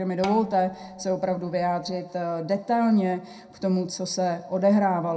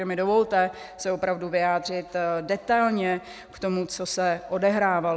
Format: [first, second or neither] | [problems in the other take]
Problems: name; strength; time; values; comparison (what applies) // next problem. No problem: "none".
second | background sound (Bowed string instrument); 14 dB below the speech // room echo; dies away in 0.2 s